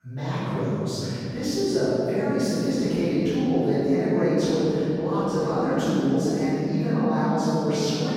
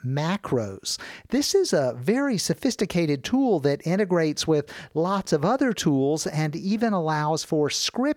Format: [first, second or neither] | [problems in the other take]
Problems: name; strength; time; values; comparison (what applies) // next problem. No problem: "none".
second | off-mic speech; far // room echo; strong; dies away in 3 s